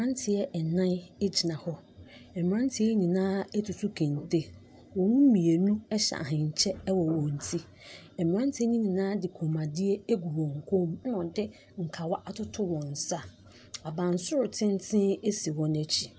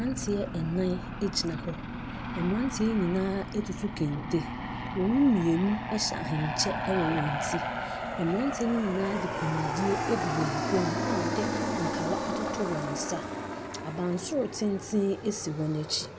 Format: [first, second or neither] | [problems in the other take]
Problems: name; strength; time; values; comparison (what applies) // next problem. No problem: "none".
first | background sound (Aircraft); 3 dB below the speech